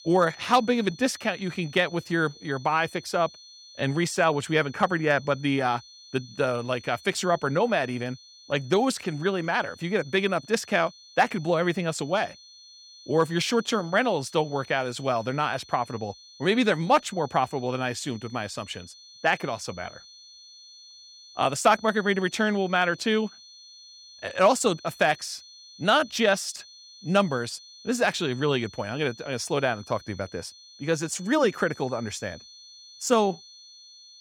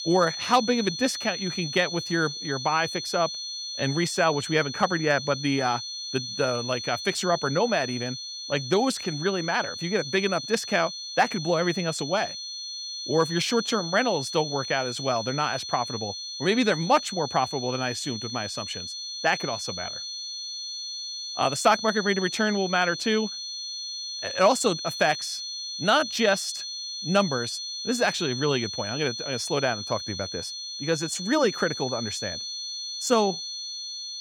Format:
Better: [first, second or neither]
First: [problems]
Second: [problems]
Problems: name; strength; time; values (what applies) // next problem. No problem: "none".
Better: first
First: high-pitched whine; faint; throughout; 4.5 kHz, 20 dB below the speech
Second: high-pitched whine; loud; throughout; 4.5 kHz, 6 dB below the speech